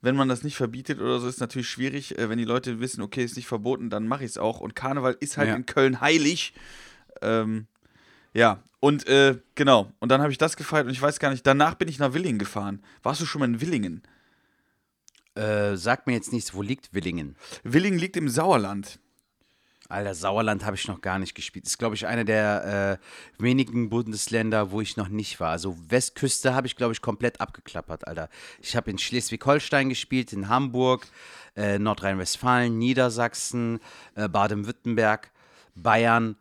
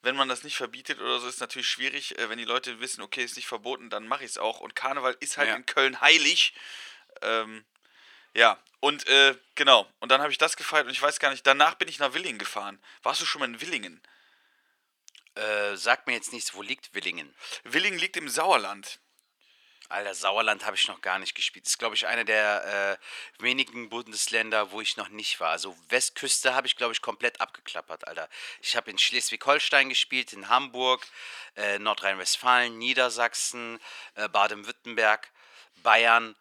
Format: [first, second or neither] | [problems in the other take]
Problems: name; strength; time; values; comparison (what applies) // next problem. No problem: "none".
first | thin; very; fading below 650 Hz